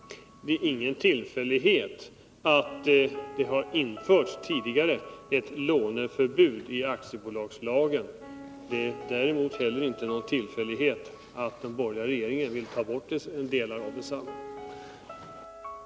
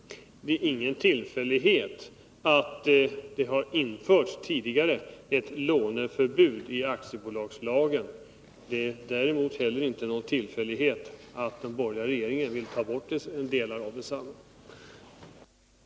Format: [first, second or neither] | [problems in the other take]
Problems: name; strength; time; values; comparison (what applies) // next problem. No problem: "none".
second | background sound (Piano); 18 dB below the speech